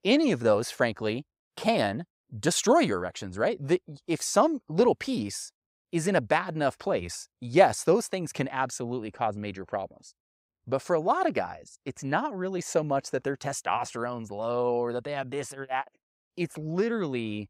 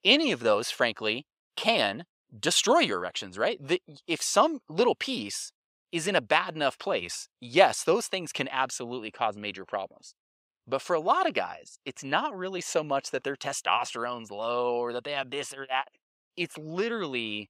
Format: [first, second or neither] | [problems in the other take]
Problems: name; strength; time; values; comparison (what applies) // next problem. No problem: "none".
first | thin; very slightly; fading below 350 Hz